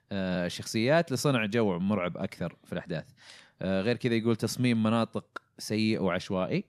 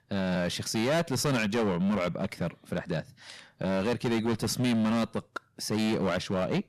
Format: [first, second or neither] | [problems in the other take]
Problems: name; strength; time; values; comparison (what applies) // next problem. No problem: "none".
first | distortion; heavy; 15% of the sound clipped